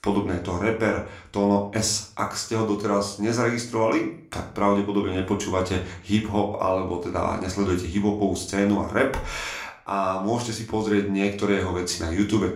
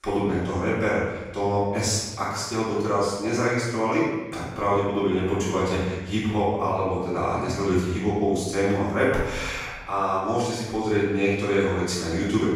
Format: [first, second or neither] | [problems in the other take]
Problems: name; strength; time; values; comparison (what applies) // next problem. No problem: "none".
first | room echo; strong; dies away in 1.2 s; slight in the first // off-mic speech; far; somewhat distant in the first